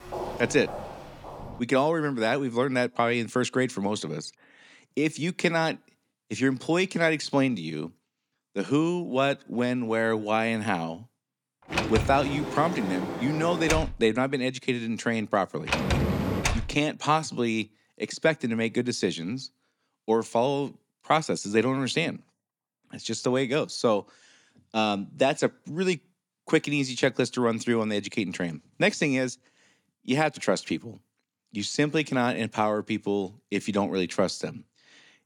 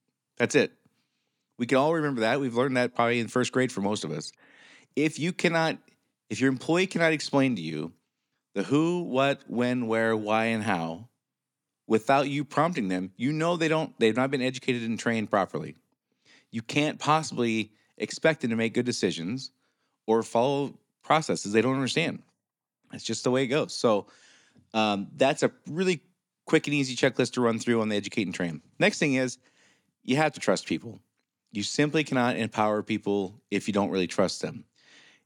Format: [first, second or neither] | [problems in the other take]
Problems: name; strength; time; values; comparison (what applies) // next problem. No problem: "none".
second | footsteps; noticeable; until 1.5 s; peak 8 dB below the speech // door banging; loud; from 12 to 17 s; peak 1 dB above the speech